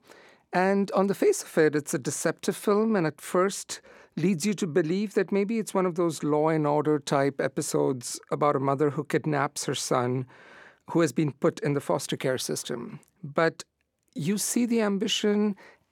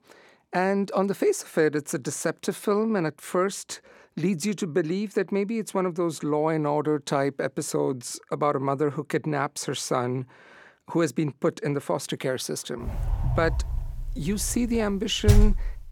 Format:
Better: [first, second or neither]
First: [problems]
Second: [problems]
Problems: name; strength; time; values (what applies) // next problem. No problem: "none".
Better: first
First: none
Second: door banging; loud; from 13 s on; peak 5 dB above the speech